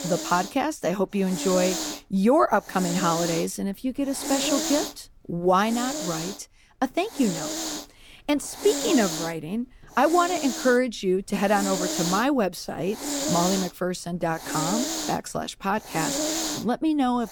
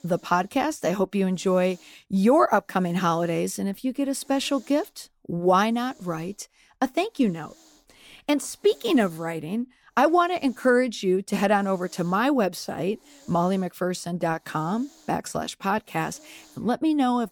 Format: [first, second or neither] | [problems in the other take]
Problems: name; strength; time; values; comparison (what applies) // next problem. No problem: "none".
second | hiss; loud; throughout; 4 dB below the speech; faint in the second